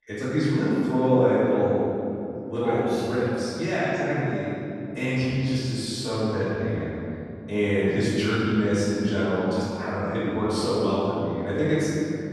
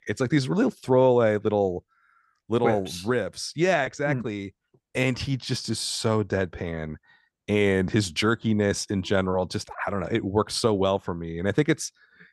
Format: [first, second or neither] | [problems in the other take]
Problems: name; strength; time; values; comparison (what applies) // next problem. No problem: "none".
second | off-mic speech; far // room echo; strong; dies away in 3 s